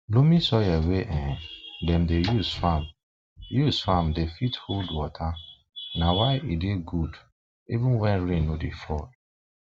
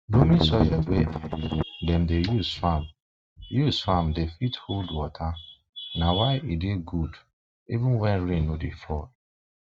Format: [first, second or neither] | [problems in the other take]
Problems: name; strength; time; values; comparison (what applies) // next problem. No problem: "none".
first | noise reduction (neural mask model RNNoise)